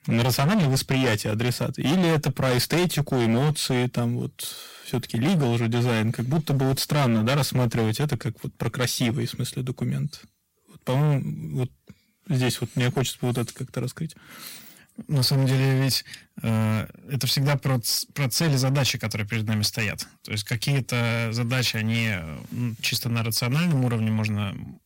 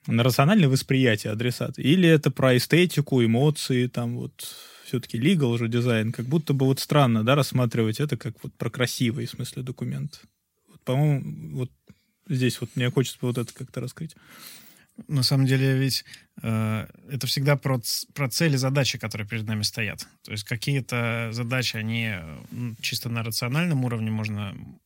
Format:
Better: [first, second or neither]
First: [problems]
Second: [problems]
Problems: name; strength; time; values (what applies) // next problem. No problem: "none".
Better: second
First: distortion; heavy; 14% of the sound clipped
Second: none